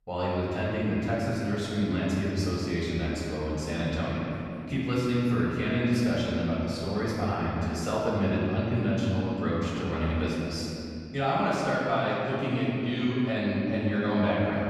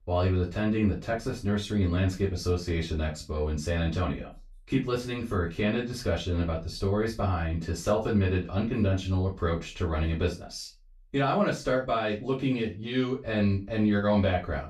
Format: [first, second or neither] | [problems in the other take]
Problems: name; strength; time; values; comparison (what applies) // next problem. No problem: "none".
second | room echo; strong; dies away in 2.7 s; slight in the second // off-mic speech; far; far in the second